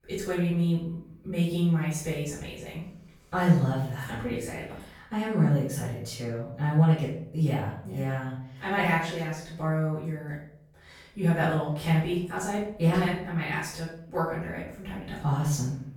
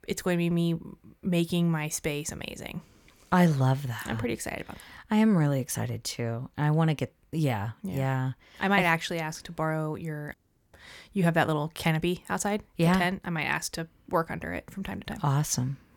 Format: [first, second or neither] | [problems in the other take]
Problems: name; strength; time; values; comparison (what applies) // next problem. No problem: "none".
second | off-mic speech; far // room echo; noticeable; dies away in 0.5 s